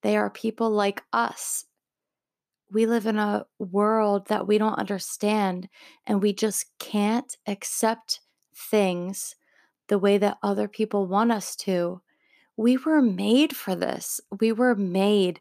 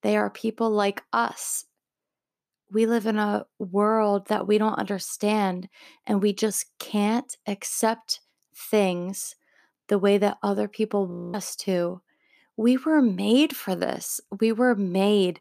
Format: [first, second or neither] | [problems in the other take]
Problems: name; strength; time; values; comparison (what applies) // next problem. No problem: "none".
first | audio freezing; at 11 s